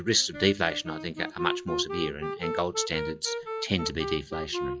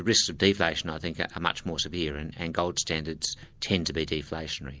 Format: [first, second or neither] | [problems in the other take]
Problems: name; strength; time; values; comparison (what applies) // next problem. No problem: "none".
second | noise reduction (classical method log-MMSE)